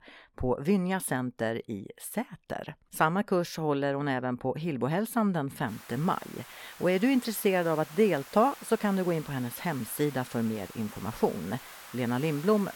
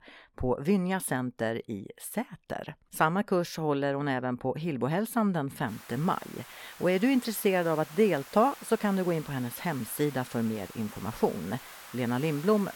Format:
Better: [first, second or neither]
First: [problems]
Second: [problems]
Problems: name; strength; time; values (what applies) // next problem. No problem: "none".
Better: neither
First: hiss; noticeable; from 5.5 s on; 15 dB below the speech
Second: hiss; noticeable; from 5.5 s on; 15 dB below the speech